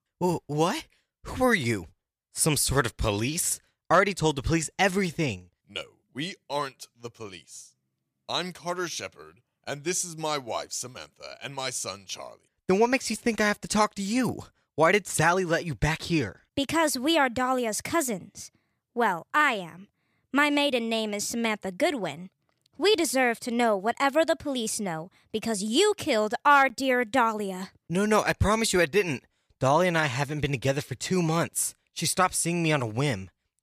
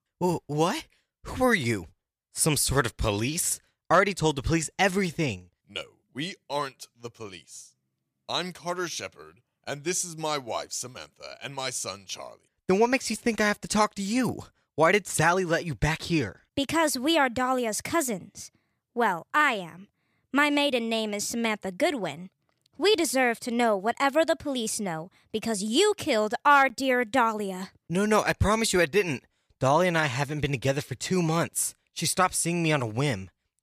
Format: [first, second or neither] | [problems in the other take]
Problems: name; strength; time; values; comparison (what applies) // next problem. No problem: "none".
neither | none